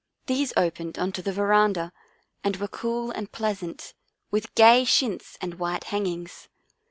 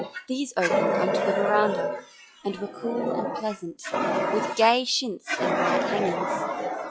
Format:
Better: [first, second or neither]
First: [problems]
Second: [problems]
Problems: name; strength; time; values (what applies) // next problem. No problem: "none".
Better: first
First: none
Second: noise reduction (classical method log-MMSE)